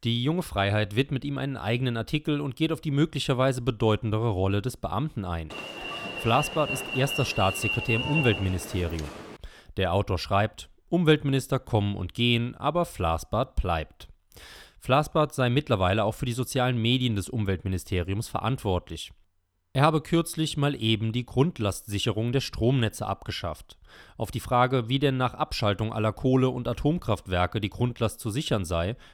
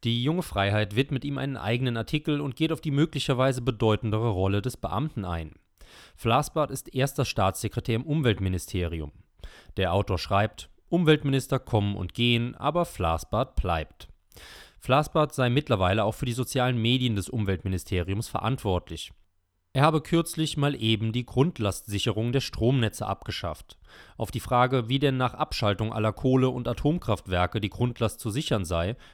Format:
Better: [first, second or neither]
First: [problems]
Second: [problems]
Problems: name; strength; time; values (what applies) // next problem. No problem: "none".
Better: second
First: alarm; noticeable; from 5.5 to 9.5 s; peak level with the speech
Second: none